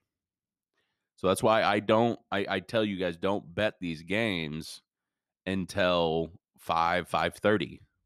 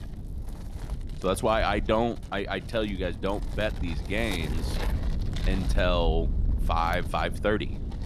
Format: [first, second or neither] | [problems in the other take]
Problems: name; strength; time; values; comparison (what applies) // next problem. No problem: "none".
first | wind noise on the microphone; occasional gusts; 15 dB below the speech